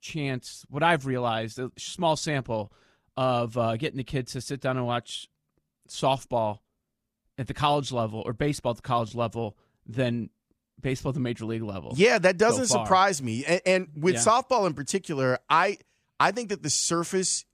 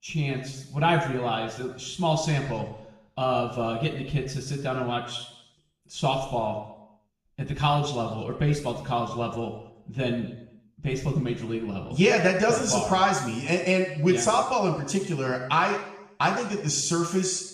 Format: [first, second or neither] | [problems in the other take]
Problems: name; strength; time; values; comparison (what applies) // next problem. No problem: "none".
first | room echo; noticeable; dies away in 0.8 s // off-mic speech; far